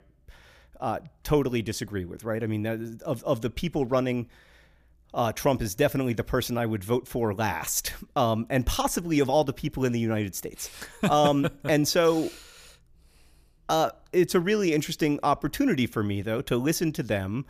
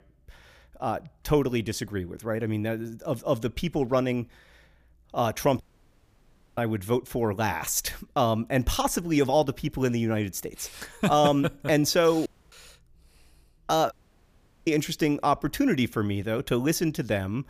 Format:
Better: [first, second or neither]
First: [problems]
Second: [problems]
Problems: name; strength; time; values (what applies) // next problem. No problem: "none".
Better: first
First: none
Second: audio cutting out; at 5.5 s for 1 s, at 12 s and at 14 s for 0.5 s